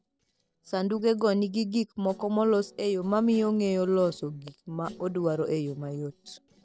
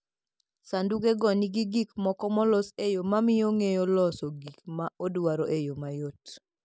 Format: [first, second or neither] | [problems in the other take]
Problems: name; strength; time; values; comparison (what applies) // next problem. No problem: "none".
second | noise reduction (neural separator model SepFormer DNS4)